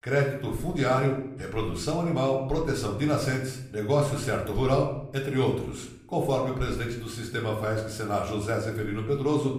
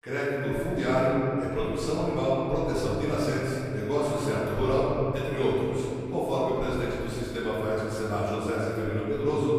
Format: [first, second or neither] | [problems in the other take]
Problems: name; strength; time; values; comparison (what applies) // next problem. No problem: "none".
first | room echo; strong; dies away in 2.8 s; slight in the first // off-mic speech; far; somewhat distant in the first